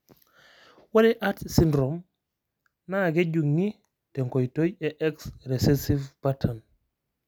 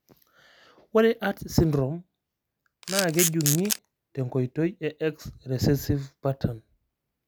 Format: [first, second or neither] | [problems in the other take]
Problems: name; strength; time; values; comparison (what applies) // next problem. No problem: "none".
first | background sound (Camera); 1 dB below the speech